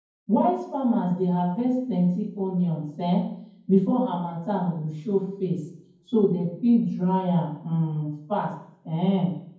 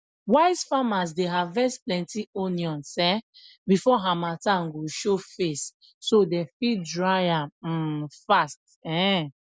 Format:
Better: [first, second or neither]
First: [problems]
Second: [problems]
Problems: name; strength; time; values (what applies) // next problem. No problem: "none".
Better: second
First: room echo; dies away in 0.9 s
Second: none